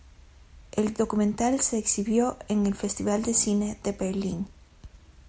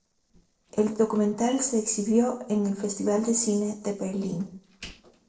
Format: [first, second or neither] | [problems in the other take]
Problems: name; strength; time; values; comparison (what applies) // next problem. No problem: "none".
first | noise reduction (neural separator model SepFormer DNS4)